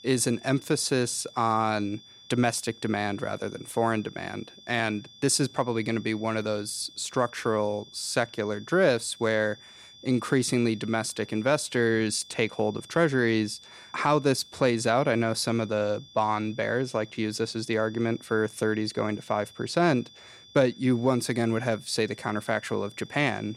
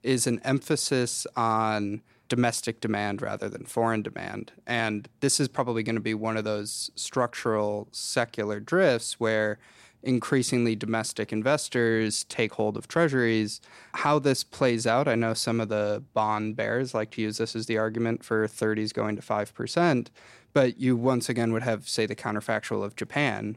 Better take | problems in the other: second | high-pitched whine; faint; throughout; 3.5 kHz, 20 dB below the speech

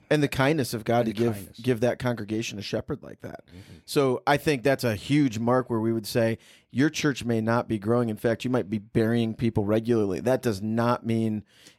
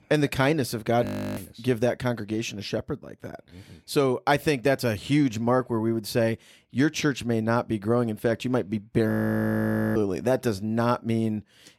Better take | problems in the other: first | audio freezing; at 1 s and at 9 s for 1 s

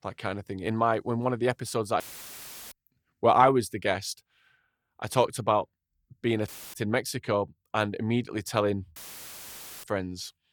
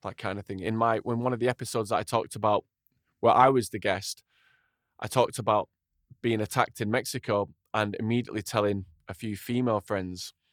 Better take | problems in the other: second | audio cutting out; filled with static; at 2 s for 0.5 s, at 6.5 s and at 9 s for 1 s

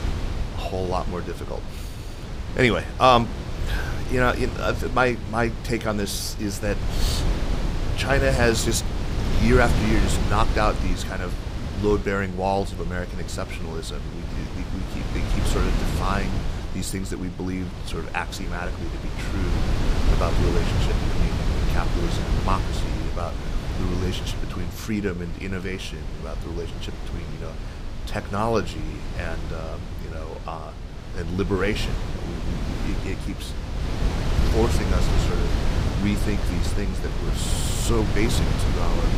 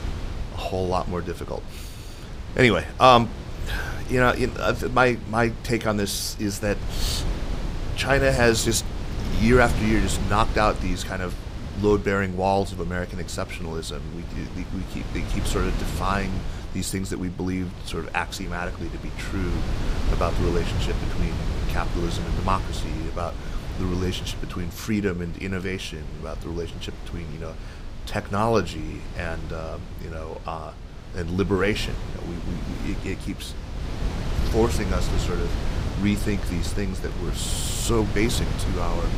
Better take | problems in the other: second | wind noise on the microphone; heavy; 8 dB below the speech; occasional gusts in the second

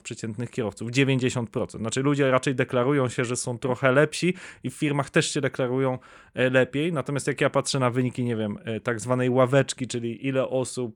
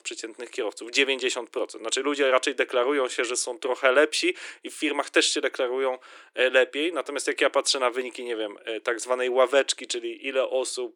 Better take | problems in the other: first | thin; somewhat; fading below 300 Hz

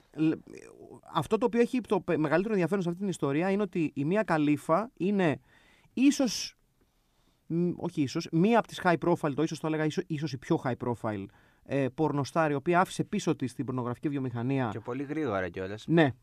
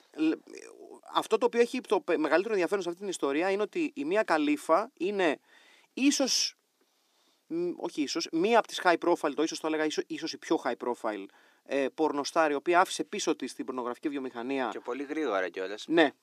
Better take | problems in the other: first | thin; somewhat; fading below 300 Hz

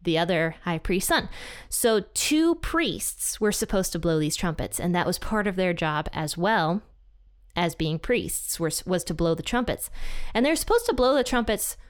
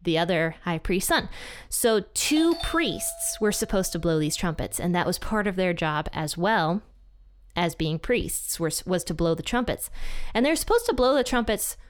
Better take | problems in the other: first | doorbell; noticeable; from 2.5 to 8.5 s; peak 8 dB below the speech

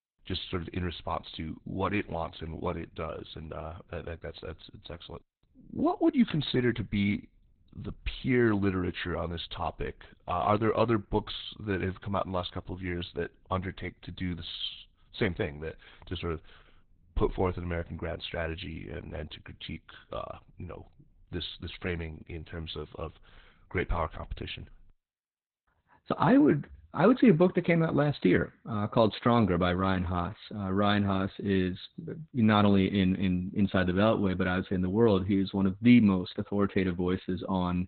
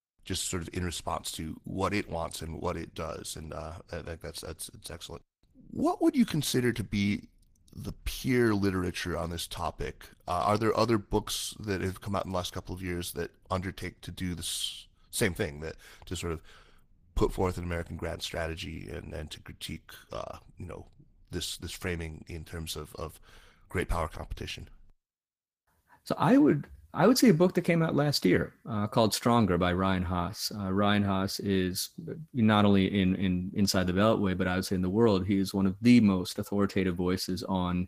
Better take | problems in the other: second | garbled, watery; badly; nothing above 4 kHz; slightly in the second

